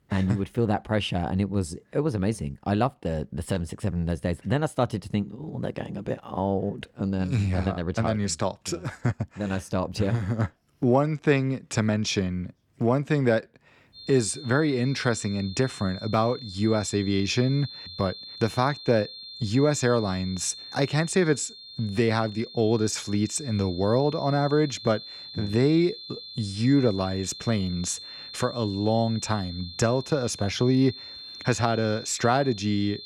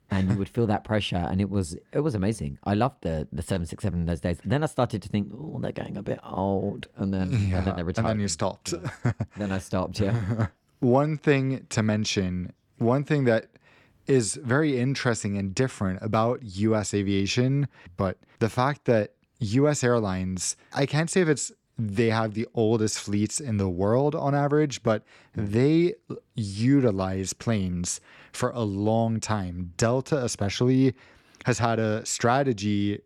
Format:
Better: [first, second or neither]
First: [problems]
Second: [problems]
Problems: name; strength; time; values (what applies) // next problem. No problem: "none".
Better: second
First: high-pitched whine; noticeable; from 14 s on; 4 kHz, 15 dB below the speech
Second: none